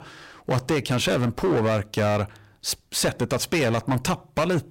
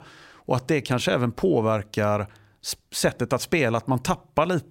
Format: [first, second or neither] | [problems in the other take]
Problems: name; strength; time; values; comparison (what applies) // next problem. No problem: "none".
second | distortion; heavy; 15% of the sound clipped